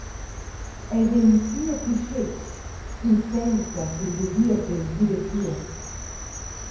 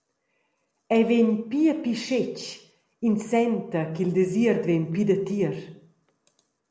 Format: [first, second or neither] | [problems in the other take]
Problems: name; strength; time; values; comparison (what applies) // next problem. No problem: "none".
second | background sound (Cricket); 10 dB below the speech // room echo; dies away in 0.6 s